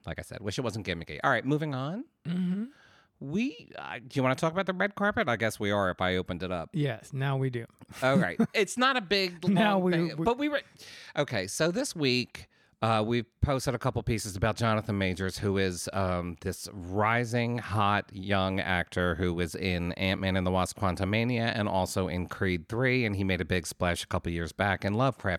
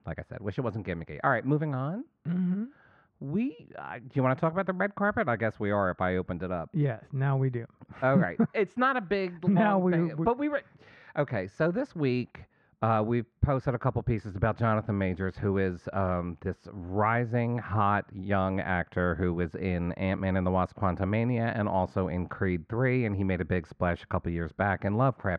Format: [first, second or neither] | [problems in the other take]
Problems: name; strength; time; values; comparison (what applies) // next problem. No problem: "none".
first | muffled; very; fading above 1.5 kHz